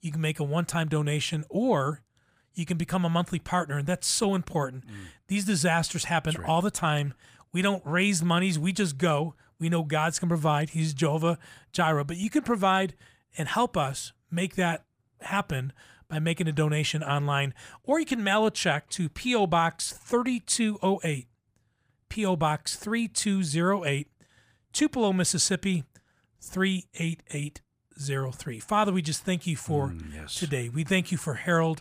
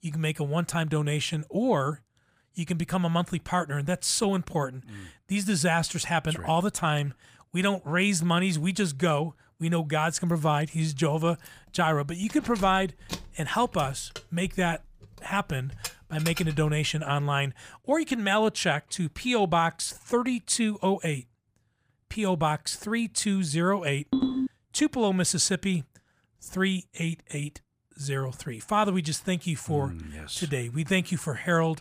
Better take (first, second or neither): first